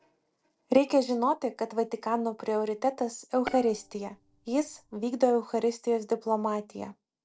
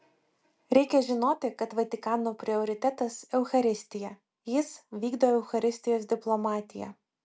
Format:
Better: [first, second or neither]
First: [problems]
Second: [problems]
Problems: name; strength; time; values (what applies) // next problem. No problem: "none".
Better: second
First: noise reduction (neural separator model SepFormer DNS4)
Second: none